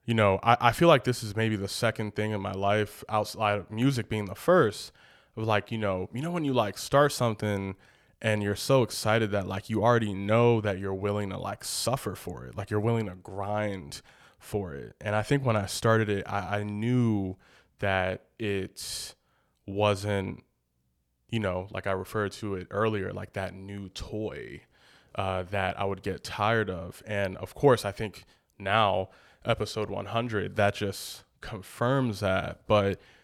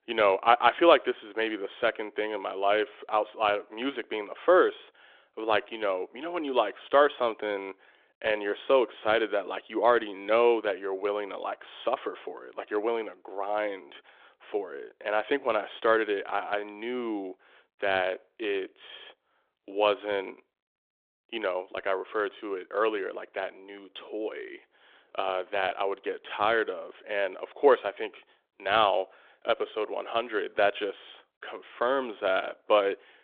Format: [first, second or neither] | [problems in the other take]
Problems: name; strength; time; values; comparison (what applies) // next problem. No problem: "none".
first | phone-call audio